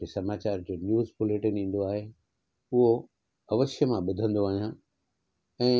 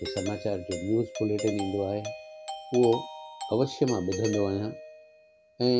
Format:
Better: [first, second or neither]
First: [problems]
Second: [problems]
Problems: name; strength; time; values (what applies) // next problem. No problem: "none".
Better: first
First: none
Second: background sound (Doorbell); 10 dB below the speech